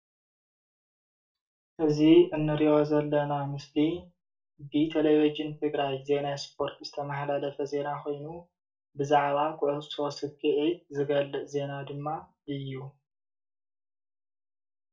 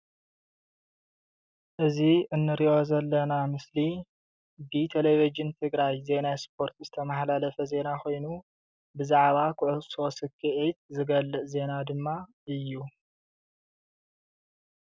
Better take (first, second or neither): second